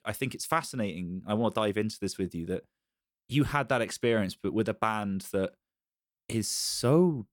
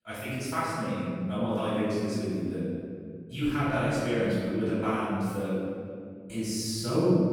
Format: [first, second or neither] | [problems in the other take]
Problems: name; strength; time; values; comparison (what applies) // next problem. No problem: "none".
first | off-mic speech; far // room echo; strong; dies away in 2.2 s